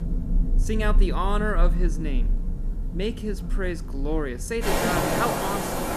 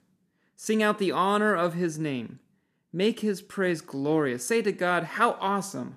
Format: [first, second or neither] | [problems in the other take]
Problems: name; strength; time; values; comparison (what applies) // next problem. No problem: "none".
second | rain or running water; very loud; throughout; 2 dB above the speech